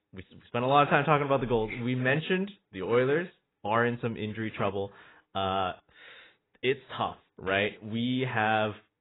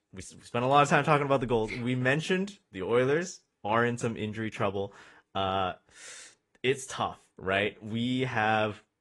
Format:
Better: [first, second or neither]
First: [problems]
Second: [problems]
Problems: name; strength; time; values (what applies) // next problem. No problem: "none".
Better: second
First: garbled, watery; badly; nothing above 4 kHz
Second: garbled, watery; slightly; nothing above 10.5 kHz